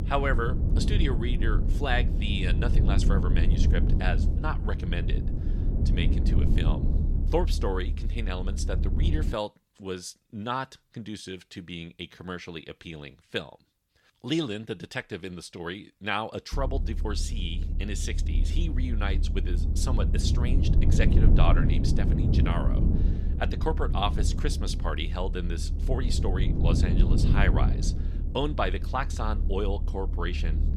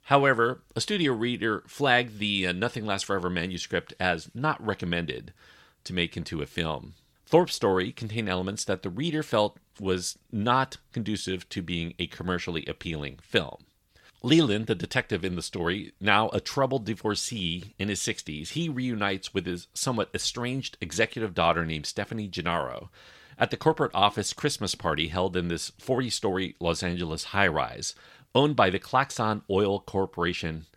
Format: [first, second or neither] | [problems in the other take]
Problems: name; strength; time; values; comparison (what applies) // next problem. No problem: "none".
second | low rumble; loud; until 9.5 s and from 17 s on; 7 dB below the speech